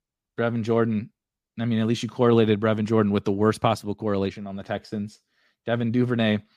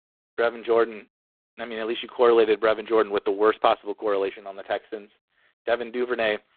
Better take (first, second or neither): first